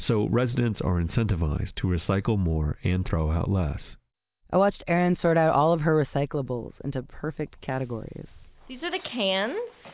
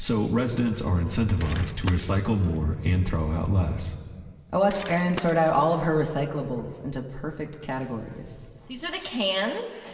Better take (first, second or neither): first